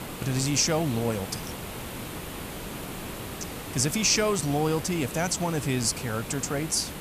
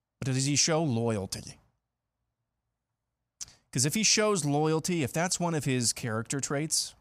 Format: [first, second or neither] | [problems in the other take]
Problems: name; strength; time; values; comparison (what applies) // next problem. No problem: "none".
second | hiss; noticeable; throughout; 10 dB below the speech